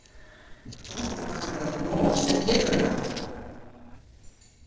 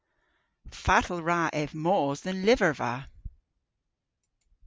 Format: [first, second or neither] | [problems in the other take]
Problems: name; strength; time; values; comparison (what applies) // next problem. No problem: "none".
second | noise reduction (neural separator model SepFormer DNS4)